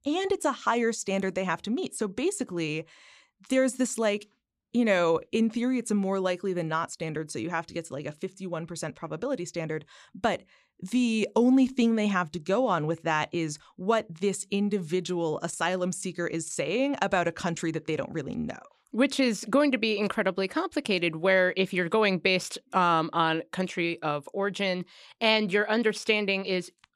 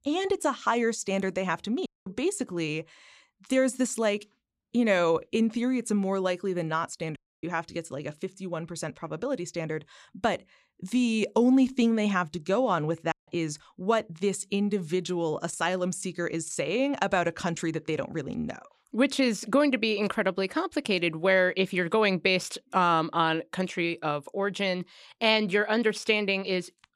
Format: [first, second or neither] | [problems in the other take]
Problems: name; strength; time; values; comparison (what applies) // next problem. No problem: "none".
first | audio cutting out; at 2 s, at 7 s and at 13 s